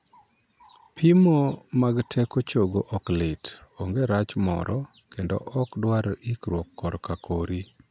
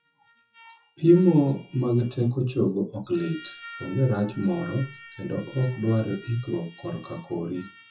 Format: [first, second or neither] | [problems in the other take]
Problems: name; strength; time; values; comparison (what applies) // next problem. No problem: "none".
first | noise reduction (classical method WPE with log-MMSE)